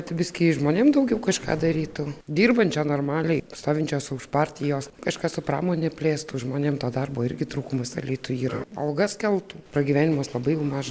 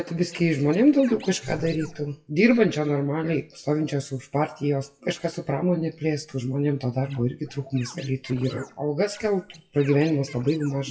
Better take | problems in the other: first | noise reduction (classical method WPE with log-MMSE)

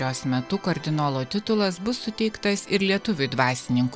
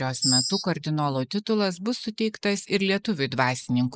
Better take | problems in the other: first | noise reduction (neural mask model Resemble Enhance denoiser)

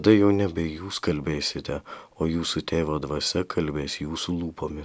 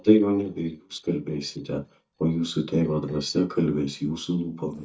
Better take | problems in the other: first | noise reduction (neural mask model DeepFilterNet 3)

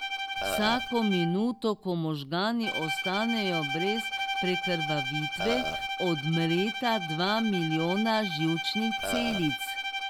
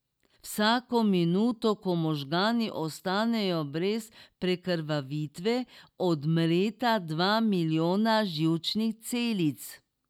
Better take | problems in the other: second | background sound (Burping, eructation + Bowed string instrument); 4 dB below the speech

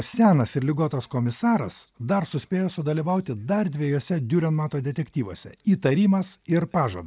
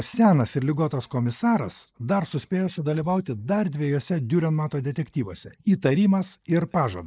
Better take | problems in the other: first | noise reduction (neural mask model Resemble Enhance denoiser)

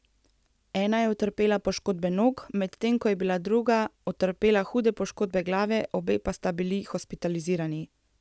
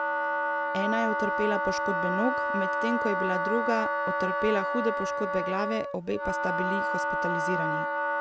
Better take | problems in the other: first | background sound (Wind instrument, woodwind instrument); 3 dB above the speech

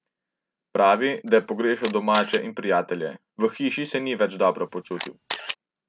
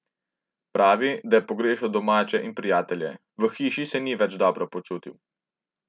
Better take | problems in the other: second | background sound (Camera); 12 dB below the speech

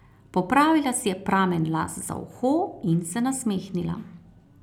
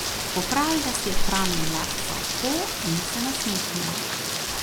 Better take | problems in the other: first | background sound (Rain); 3 dB above the speech

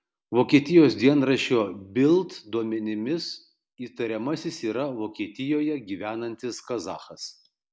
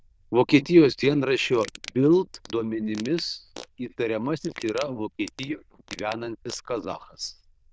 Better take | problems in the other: first | noise reduction (neural diffusion model UNIVERSE++)

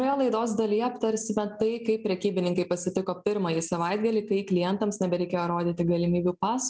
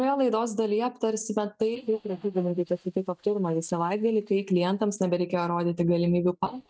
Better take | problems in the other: first | noise reduction (neural mask model DeepFilterNet 3)

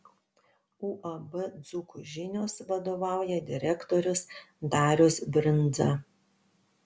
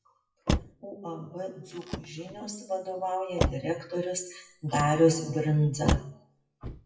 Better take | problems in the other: first | noise reduction (classical method WPE with log-MMSE)

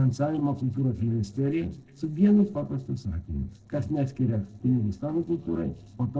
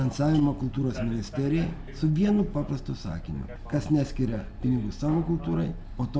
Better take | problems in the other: second | noise reduction (neural separator model SepFormer DNS4)

